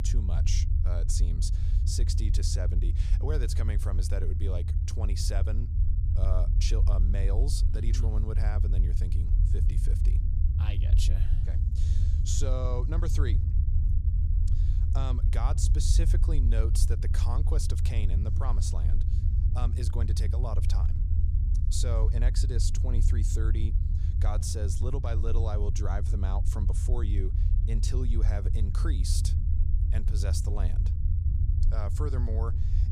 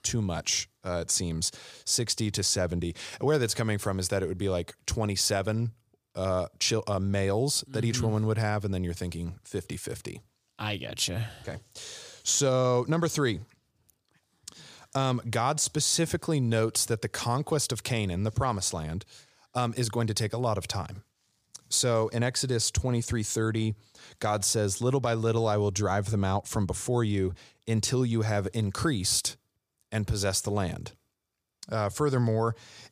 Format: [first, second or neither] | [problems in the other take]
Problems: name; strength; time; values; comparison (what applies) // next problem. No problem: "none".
second | low rumble; loud; throughout; 5 dB below the speech